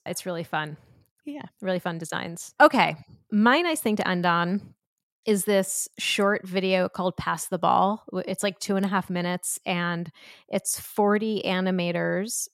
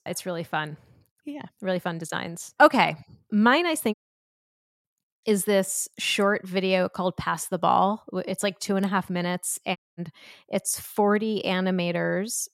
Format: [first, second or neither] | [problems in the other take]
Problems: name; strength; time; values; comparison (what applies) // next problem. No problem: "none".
first | audio cutting out; at 4 s for 1 s and at 10 s